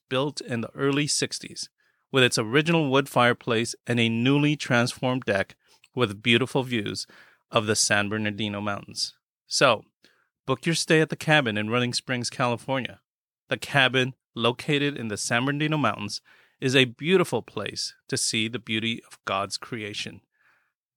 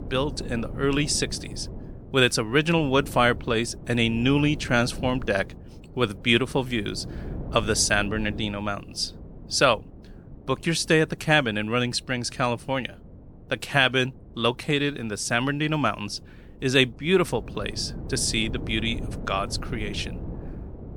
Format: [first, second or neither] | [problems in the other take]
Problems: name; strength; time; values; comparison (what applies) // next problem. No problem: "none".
first | wind noise on the microphone; occasional gusts; 20 dB below the speech